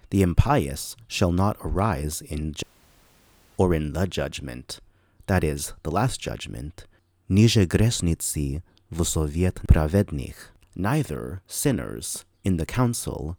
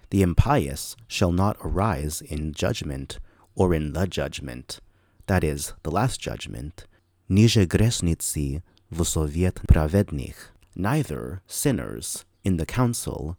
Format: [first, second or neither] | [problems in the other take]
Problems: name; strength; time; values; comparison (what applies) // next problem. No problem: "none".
second | audio cutting out; at 2.5 s for 1 s